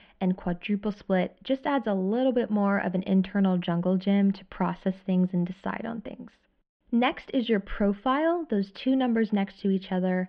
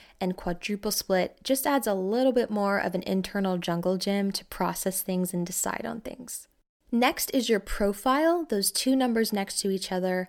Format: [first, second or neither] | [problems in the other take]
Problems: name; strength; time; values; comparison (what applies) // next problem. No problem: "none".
second | muffled; very; fading above 3 kHz